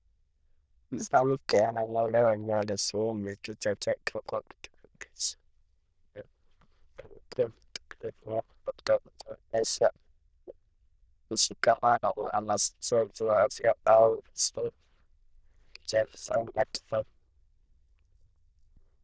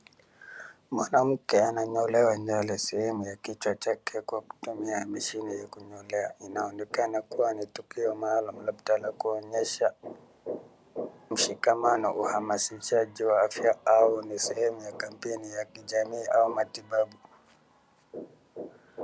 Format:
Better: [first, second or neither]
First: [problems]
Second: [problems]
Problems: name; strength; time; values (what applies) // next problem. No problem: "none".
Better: second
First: noise reduction (neural diffusion model UNIVERSE++)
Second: none